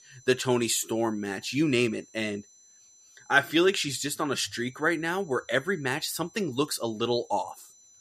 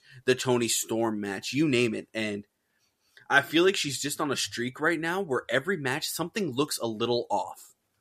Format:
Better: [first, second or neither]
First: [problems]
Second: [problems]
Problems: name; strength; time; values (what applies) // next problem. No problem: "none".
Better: second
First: high-pitched whine; faint; throughout; 6 kHz, 25 dB below the speech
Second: none